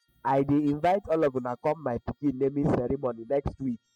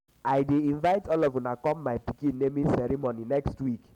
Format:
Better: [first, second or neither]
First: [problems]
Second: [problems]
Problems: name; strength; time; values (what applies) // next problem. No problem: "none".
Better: second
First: noise reduction (classical method spectral subtraction)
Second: none